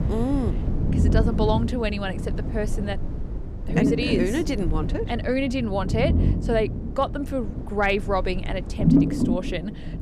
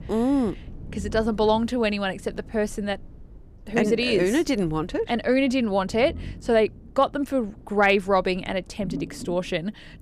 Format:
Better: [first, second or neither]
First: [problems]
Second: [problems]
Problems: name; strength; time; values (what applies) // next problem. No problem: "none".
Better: second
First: low rumble; loud; throughout; 6 dB below the speech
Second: low rumble; faint; throughout; 25 dB below the speech